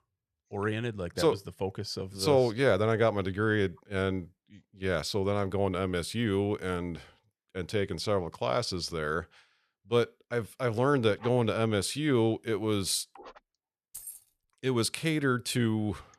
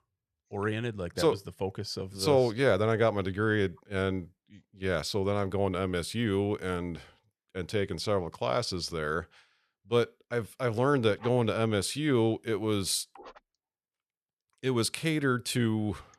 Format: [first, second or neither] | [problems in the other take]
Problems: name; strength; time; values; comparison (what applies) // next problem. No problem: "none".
second | jangling keys; faint; at 14 s; peak 15 dB below the speech